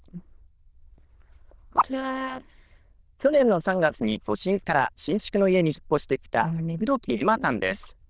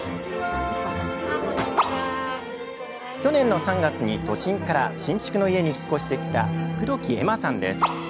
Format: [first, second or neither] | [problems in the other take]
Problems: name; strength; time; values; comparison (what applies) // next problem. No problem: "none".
second | noise reduction (neural diffusion model UNIVERSE++)